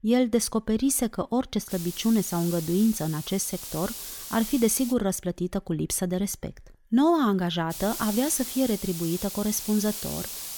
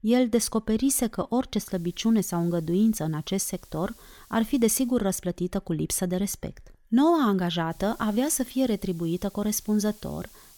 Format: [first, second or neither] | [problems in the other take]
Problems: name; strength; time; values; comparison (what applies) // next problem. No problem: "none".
second | hiss; loud; from 1.5 to 5 s and from 7.5 s on; 9 dB below the speech; faint in the second